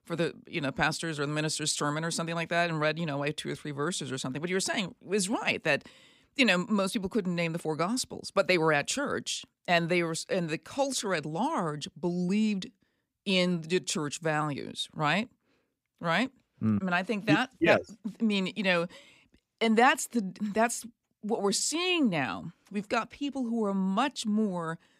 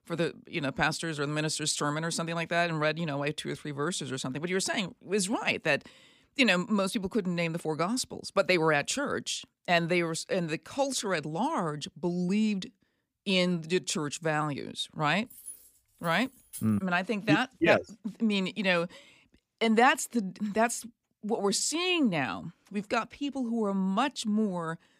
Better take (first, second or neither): first